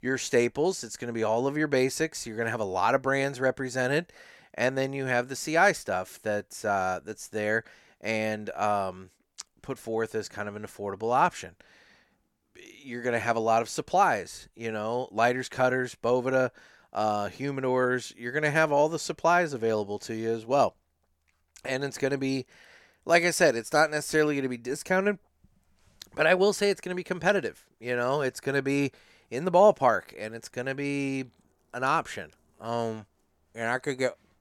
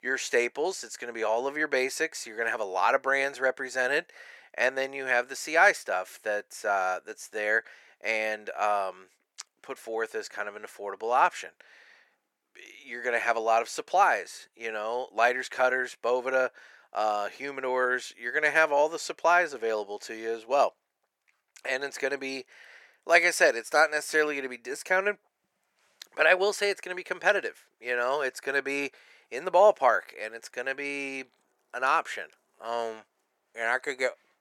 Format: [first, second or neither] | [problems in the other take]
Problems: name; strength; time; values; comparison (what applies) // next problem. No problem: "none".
first | thin; somewhat; fading below 500 Hz